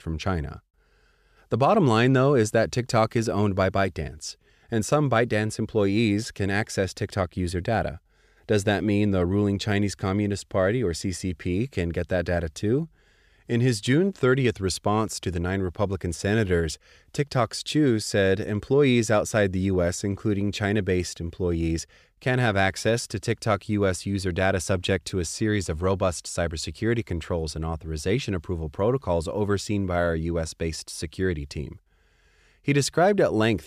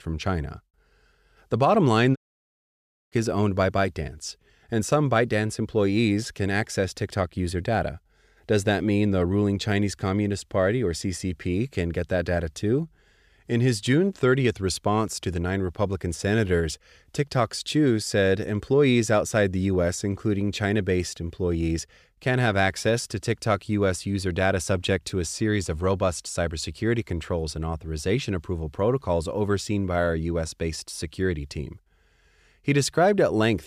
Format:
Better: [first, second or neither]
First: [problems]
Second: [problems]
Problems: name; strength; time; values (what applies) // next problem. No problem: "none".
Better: first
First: none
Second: audio cutting out; at 2 s for 1 s